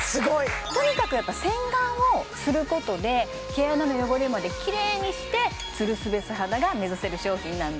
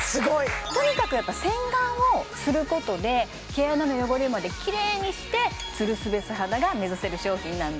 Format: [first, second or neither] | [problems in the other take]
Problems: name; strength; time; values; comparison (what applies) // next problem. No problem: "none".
second | background sound (Wind instrument, woodwind instrument); 13 dB below the speech